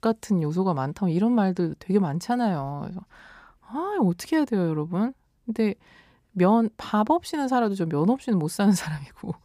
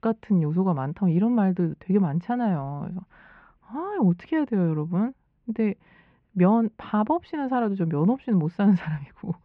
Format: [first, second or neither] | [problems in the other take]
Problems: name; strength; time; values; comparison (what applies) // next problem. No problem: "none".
first | muffled; very; fading above 2.5 kHz